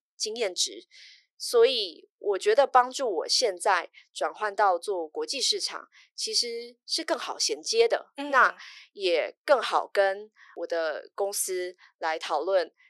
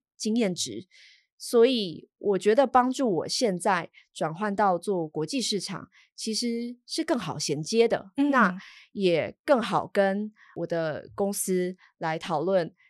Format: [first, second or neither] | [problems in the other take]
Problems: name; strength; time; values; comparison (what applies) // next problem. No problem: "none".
second | thin; very; fading below 400 Hz